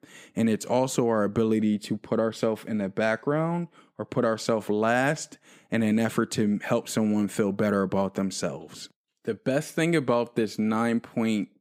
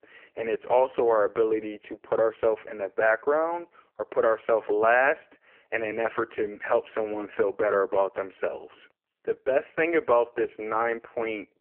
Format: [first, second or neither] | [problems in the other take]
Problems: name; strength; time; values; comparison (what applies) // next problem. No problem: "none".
first | phone-call audio; poor line